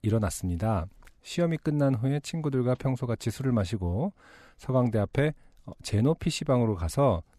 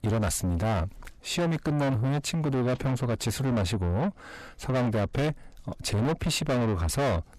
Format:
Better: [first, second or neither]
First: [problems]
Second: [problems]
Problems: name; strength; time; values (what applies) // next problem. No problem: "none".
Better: first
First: none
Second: distortion; heavy; 6 dB below the speech